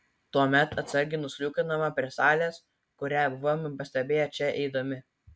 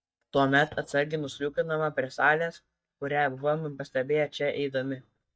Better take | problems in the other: first | noise reduction (neural mask model DeepFilterNet 3)

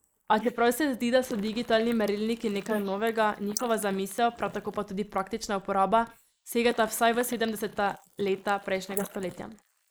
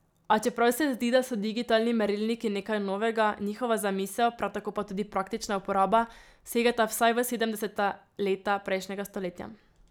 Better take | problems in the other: second | noise reduction (neural mask model Resemble Enhance denoiser)

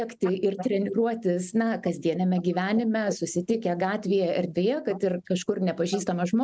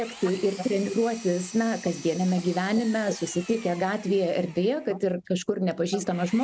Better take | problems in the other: first | background sound (Engine); 19 dB below the speech

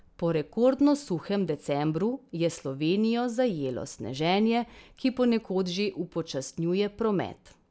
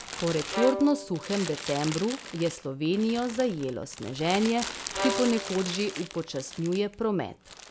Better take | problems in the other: first | background sound (Bowed string instrument + Crumpling, crinkling); 8 dB below the speech

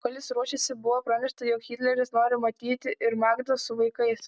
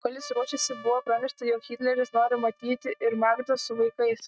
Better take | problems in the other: first | noise reduction (neural mask model RNNoise)

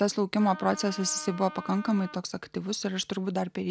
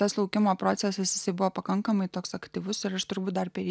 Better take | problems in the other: second | background sound (Wind instrument, woodwind instrument); 16 dB below the speech

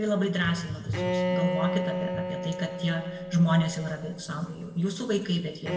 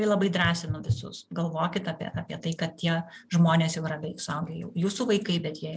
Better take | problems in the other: second | background sound (Bowed string instrument); 5 dB below the speech // room echo; dies away in 1.4 s

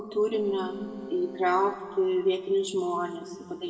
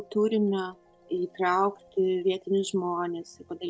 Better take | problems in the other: second | background sound (Keyboard (musical)); 13 dB below the speech // room echo; dies away in 1.7 s

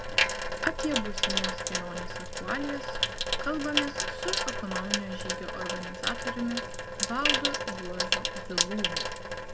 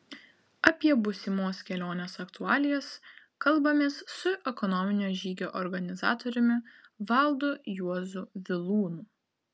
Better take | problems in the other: second | background sound (Sink (filling or washing) / Water tap, faucet); 5 dB above the speech

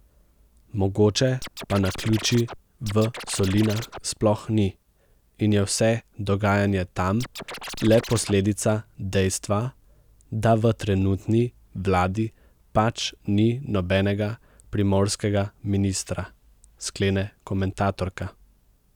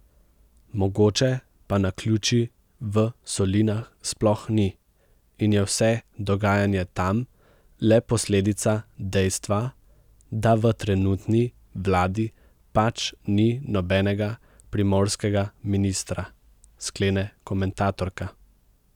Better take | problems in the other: second | background sound (Scratching (performance technique)); 11 dB below the speech

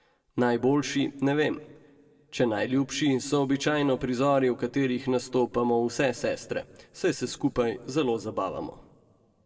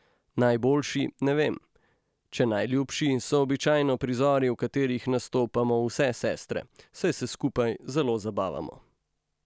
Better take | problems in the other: second | room echo; dies away in 1 s

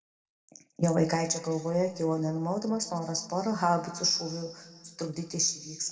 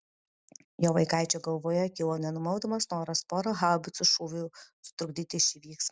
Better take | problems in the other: second | room echo; dies away in 1.9 s

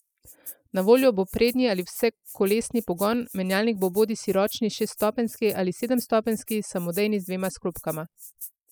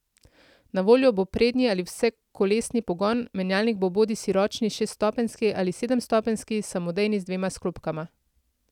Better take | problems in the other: second | noise reduction (classical method spectral subtraction)

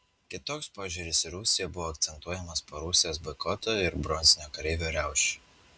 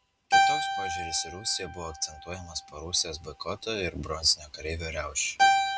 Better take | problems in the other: first | background sound (Keyboard (musical)); 3 dB above the speech

